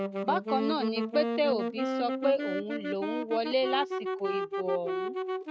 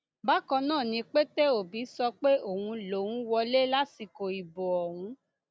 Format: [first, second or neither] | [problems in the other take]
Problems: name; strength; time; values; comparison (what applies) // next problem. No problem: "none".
second | noise reduction (neural mask model RNNoise)